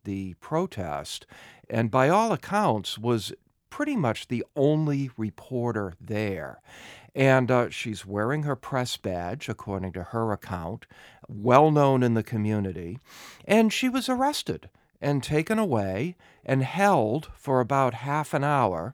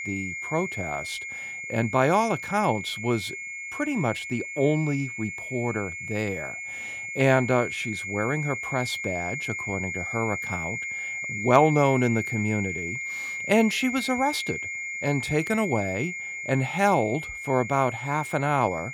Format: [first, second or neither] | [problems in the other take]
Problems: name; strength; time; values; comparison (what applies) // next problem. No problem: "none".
first | high-pitched whine; loud; throughout; 2 kHz, 5 dB below the speech